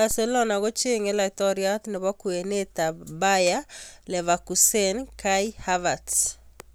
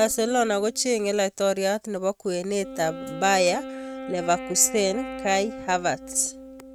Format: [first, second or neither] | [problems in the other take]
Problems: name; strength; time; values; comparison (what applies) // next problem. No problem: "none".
first | noise reduction (neural mask model RNNoise)